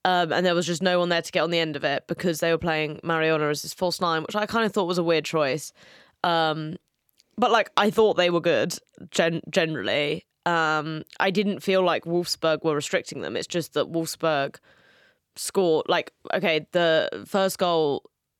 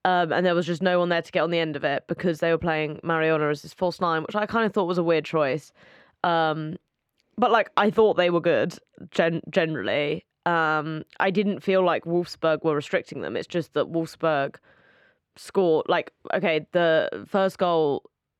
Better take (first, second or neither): first